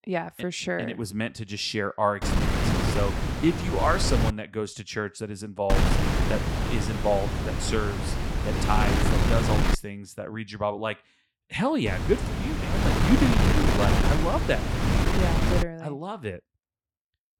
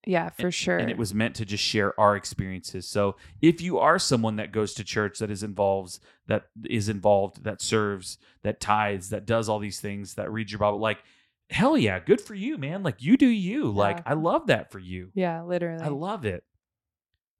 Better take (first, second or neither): second